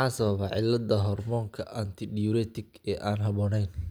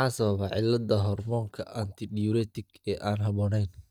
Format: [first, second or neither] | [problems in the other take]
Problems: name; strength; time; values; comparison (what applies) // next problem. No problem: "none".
first | noise reduction (neural mask model DeepFilterNet 3)